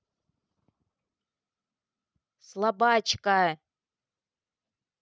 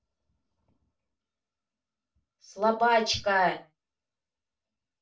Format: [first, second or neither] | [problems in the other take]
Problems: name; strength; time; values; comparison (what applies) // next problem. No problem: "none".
first | room echo; dies away in 0.2 s